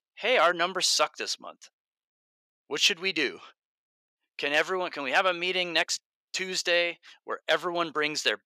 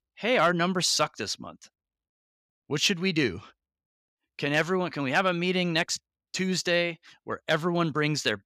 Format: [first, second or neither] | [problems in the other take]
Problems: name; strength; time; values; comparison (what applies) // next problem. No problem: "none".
second | thin; somewhat; fading below 500 Hz